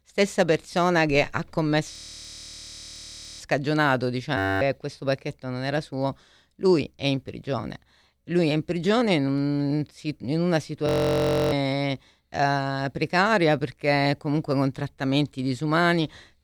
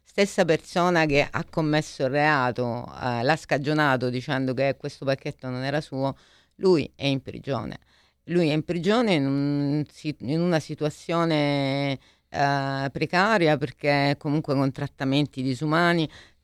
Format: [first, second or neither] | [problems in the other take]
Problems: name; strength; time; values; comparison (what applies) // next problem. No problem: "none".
second | audio freezing; at 2 s for 1.5 s, at 4.5 s and at 11 s for 0.5 s